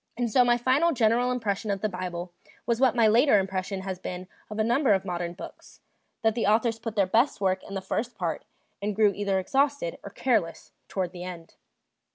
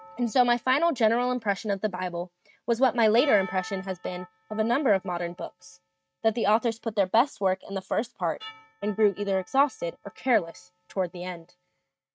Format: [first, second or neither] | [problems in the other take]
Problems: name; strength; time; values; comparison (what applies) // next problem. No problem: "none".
first | noise reduction (neural mask model RNNoise)